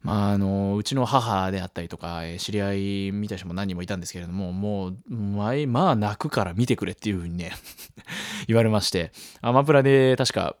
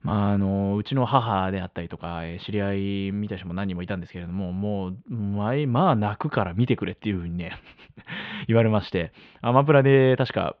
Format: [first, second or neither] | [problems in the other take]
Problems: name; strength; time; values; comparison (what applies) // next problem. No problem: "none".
first | muffled; very; fading above 3 kHz